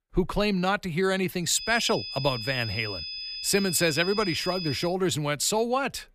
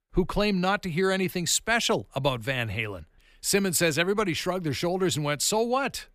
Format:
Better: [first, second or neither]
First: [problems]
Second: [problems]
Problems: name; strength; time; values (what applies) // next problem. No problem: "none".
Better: second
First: high-pitched whine; loud; from 1.5 to 5 s; 5 kHz, 7 dB below the speech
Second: none